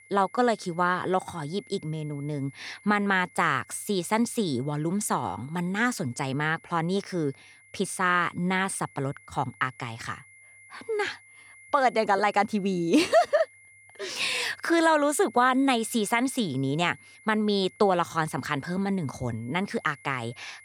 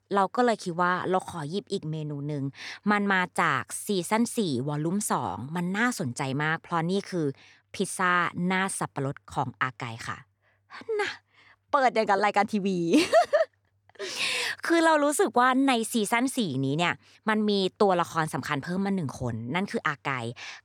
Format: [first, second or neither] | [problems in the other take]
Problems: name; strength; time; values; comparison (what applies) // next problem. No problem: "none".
second | high-pitched whine; faint; throughout; 2 kHz, 25 dB below the speech